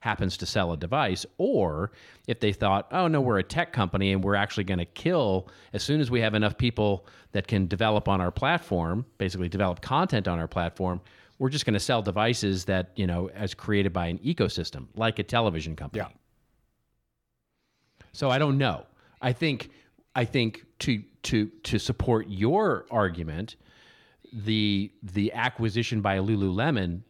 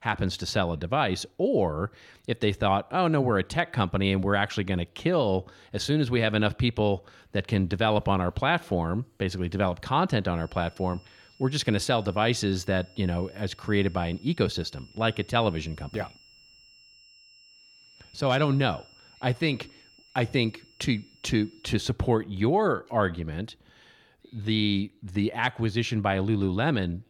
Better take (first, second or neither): first